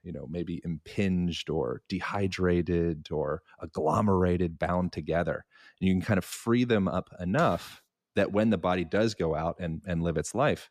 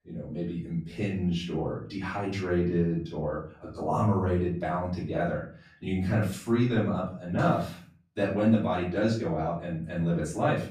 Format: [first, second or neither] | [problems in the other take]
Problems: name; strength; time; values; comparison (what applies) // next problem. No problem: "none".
first | off-mic speech; far // room echo; noticeable; dies away in 0.4 s